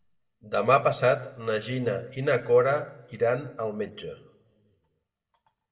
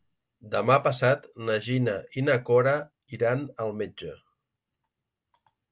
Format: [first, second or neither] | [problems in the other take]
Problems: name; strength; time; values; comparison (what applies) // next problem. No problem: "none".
second | room echo; dies away in 1.3 s